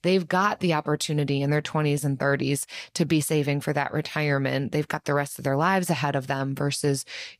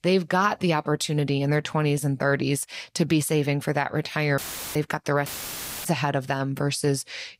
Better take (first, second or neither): first